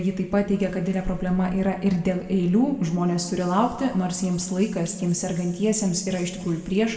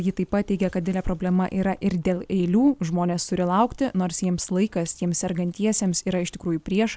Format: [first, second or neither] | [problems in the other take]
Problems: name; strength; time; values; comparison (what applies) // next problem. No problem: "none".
second | room echo; dies away in 1.8 s